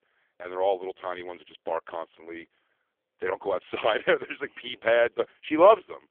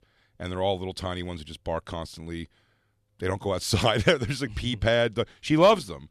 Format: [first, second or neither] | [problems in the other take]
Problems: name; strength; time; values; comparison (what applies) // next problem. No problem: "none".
second | phone-call audio; poor line; nothing above 3.5 kHz